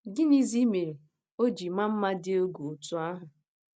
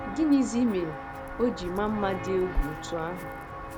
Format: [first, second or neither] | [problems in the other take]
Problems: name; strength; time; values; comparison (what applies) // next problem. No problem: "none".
first | background sound (Walk, footsteps); 6 dB below the speech